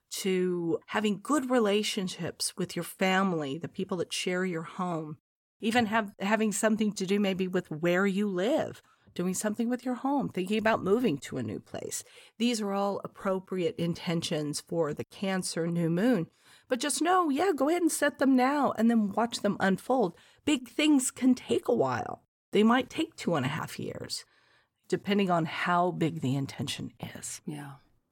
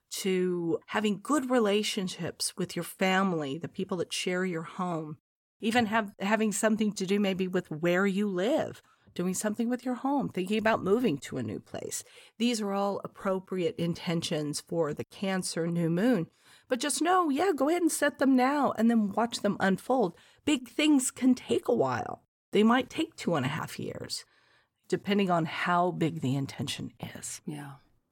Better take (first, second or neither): neither